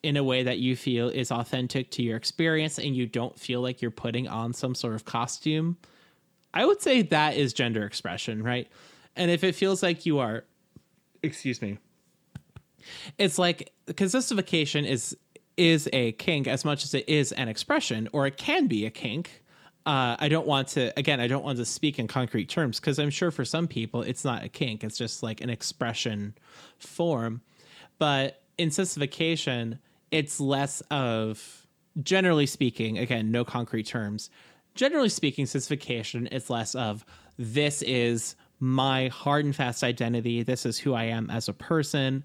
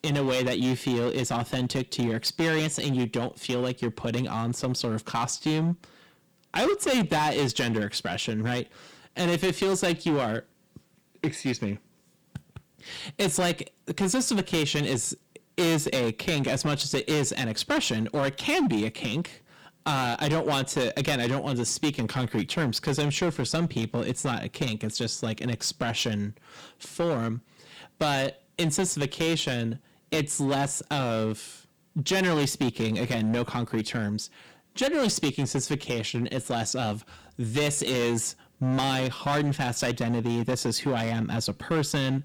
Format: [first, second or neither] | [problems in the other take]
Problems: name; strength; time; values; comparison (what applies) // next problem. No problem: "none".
first | distortion; heavy; 11% of the sound clipped